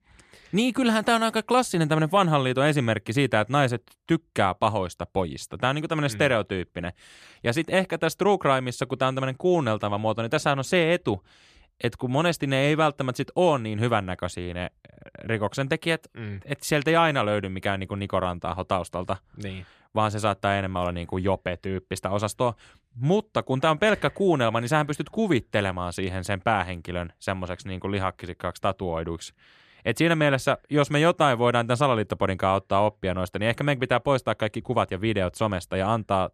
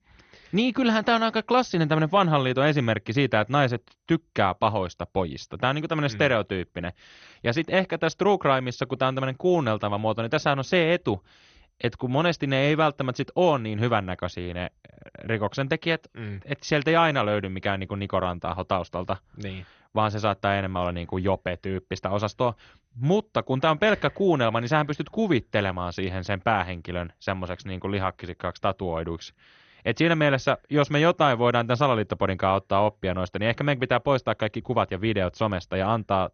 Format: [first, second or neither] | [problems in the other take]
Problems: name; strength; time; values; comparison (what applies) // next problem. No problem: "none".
first | garbled, watery; slightly; nothing above 6.5 kHz